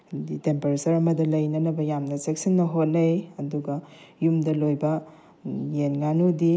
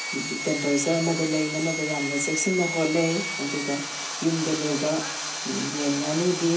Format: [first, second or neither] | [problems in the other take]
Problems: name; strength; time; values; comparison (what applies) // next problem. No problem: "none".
first | background sound (Sawing); 5 dB below the speech // room echo; dies away in 0.3 s